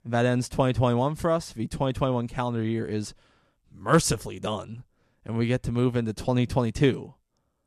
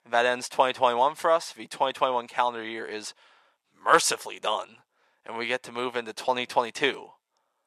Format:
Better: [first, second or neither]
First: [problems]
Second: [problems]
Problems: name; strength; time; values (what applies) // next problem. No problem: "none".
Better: first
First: none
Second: thin; very; fading below 600 Hz